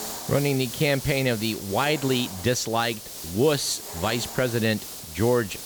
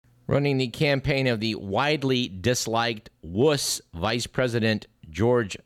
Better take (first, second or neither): second